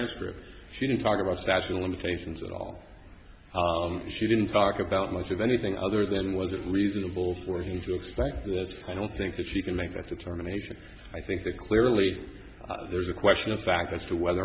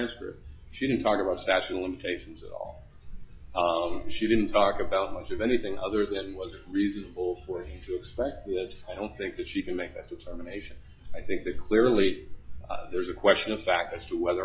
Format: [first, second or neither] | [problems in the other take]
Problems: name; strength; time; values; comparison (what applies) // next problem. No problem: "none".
first | noise reduction (classical method log-MMSE)